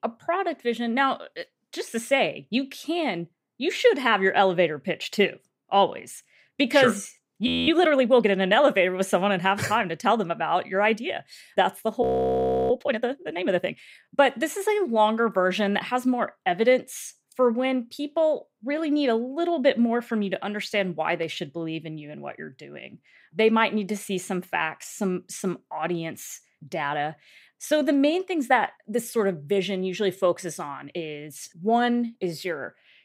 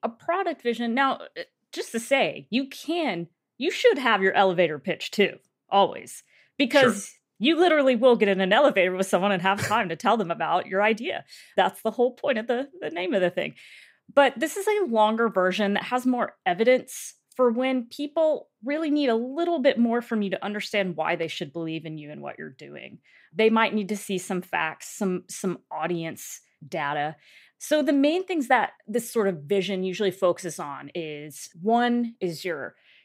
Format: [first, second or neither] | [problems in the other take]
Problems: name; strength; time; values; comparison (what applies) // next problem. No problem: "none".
second | audio freezing; at 7.5 s and at 12 s for 0.5 s